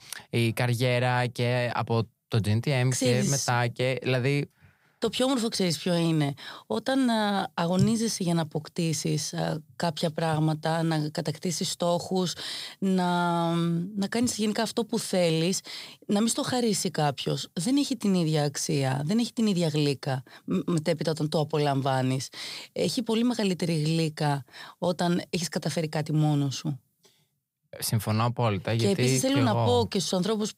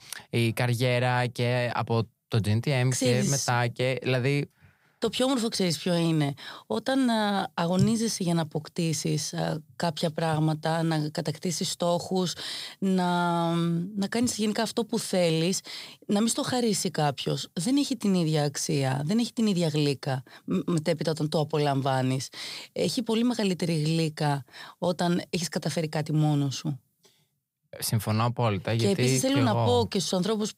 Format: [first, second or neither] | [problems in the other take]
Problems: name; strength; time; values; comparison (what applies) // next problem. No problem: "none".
neither | none